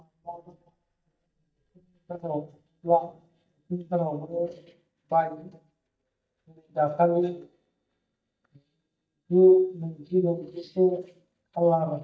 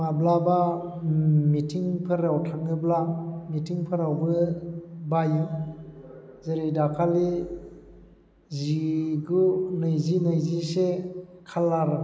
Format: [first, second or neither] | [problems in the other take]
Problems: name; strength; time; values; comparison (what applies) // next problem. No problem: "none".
second | noise reduction (neural mask model DeepFilterNet 3)